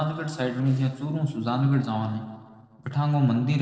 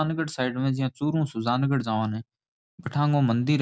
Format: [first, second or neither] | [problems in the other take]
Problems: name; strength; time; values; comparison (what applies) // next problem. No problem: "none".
second | noise reduction (neural separator model SepFormer DNS4)